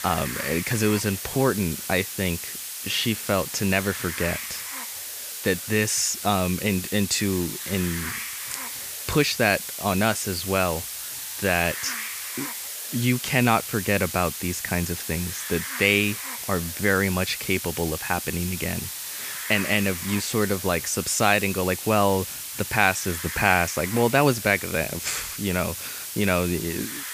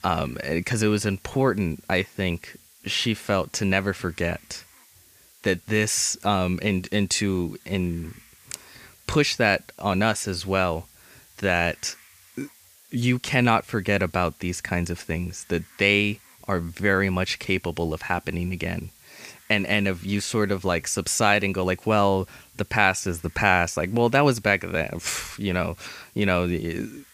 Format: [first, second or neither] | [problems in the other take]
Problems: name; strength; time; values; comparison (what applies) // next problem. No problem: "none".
second | hiss; loud; throughout; 6 dB below the speech; faint in the second